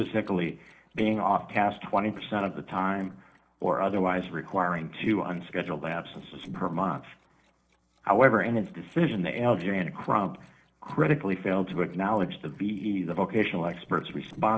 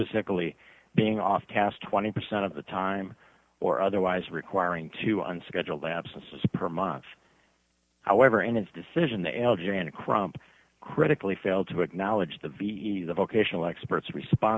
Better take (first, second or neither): second